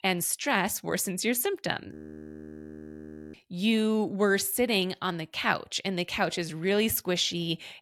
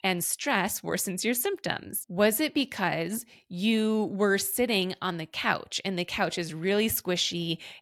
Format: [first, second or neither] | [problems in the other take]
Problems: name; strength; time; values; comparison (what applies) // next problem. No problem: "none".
second | audio freezing; at 2 s for 1.5 s